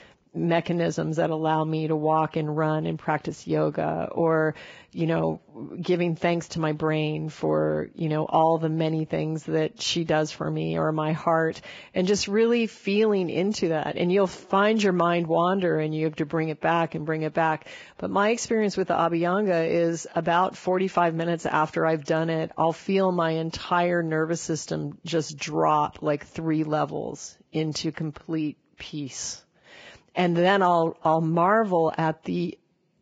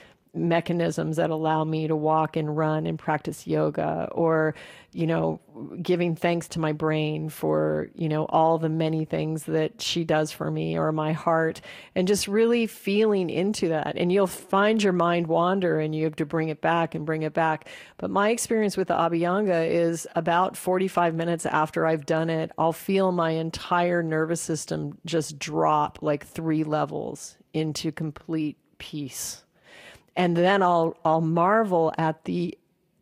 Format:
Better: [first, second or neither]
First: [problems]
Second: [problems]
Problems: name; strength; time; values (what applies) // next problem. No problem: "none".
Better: second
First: garbled, watery; badly; nothing above 7.5 kHz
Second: garbled, watery; slightly; nothing above 15 kHz